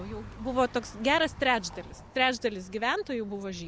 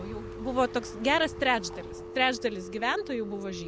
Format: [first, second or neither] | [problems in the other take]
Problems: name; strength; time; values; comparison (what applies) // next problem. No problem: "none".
first | background sound (Telephone); 12 dB below the speech